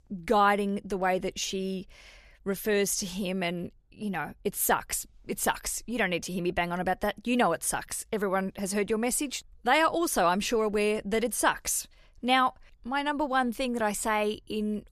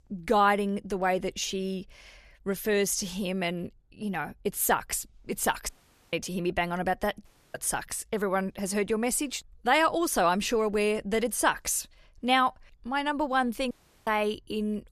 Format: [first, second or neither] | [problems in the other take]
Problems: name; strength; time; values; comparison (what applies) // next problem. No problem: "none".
first | audio cutting out; at 5.5 s, at 7.5 s and at 14 s